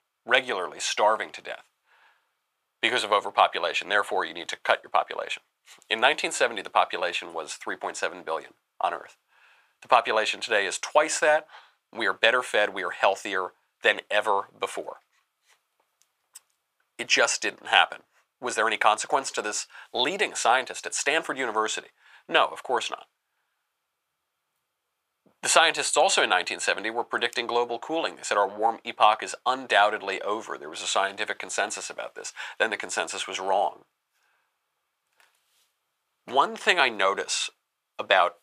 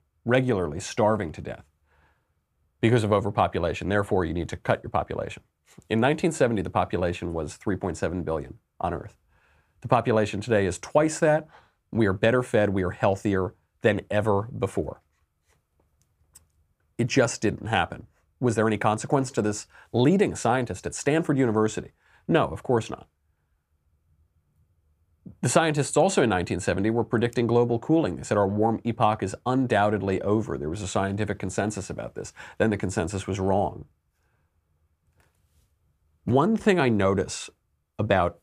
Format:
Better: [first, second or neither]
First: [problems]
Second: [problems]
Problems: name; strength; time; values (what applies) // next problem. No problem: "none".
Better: second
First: thin; very; fading below 850 Hz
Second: none